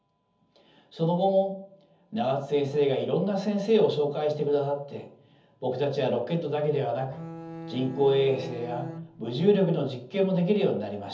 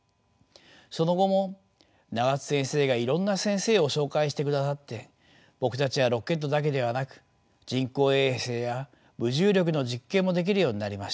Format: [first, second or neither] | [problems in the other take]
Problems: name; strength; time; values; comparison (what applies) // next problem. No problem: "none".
second | background sound (Bowed string instrument); 13 dB below the speech // room echo; dies away in 0.7 s